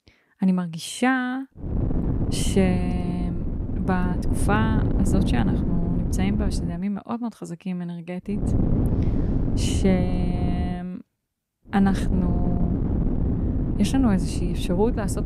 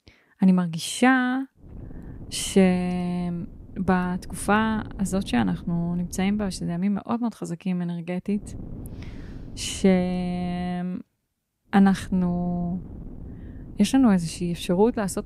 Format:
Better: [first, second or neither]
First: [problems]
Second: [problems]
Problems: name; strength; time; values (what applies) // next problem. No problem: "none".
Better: second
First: wind noise on the microphone; heavy; from 1.5 to 6.5 s, from 8.5 to 11 s and from 12 s on; 4 dB below the speech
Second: wind noise on the microphone; occasional gusts; from 1.5 to 6.5 s, from 8.5 to 11 s and from 12 s on; 20 dB below the speech